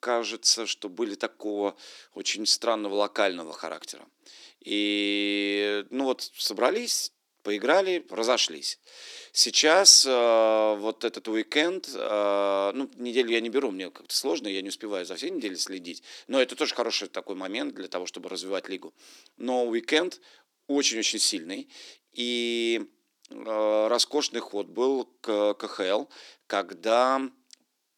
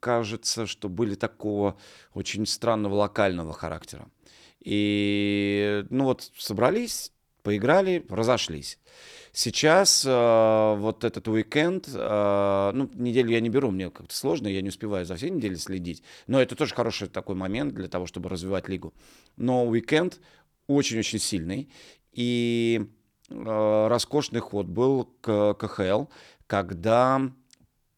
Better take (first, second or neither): second